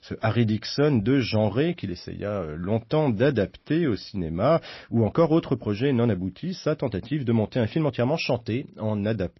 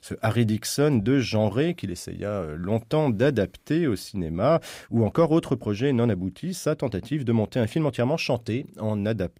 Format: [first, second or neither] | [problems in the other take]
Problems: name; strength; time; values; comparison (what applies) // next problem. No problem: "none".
second | garbled, watery; slightly; nothing above 5.5 kHz